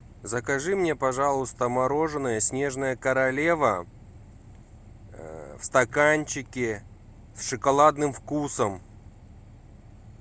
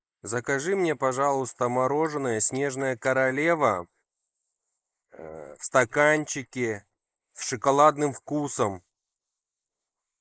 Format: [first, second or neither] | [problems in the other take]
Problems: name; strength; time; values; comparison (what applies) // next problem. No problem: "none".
first | noise reduction (neural mask model Resemble Enhance denoiser)